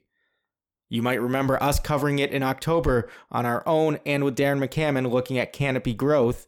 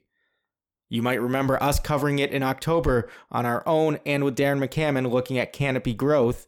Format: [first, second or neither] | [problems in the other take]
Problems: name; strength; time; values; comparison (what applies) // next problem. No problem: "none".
neither | none